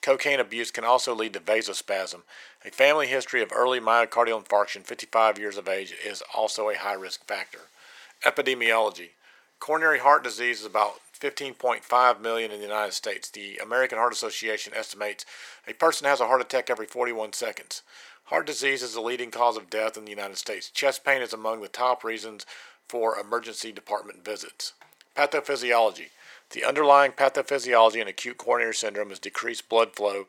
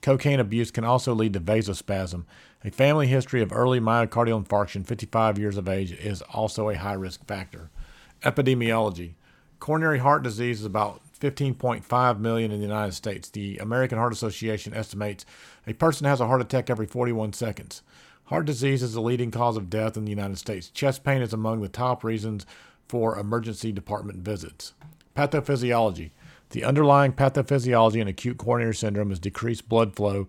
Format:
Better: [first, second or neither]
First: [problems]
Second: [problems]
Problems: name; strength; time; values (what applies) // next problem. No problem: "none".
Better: second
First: thin; very; fading below 450 Hz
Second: none